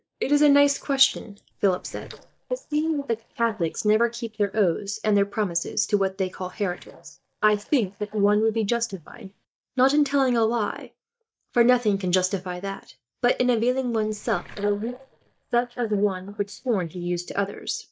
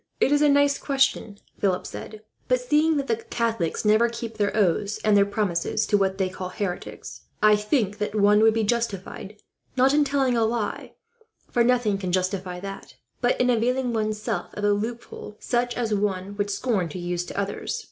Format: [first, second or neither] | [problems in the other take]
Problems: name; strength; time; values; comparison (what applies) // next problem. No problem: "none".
second | noise reduction (neural mask model DeepFilterNet 3)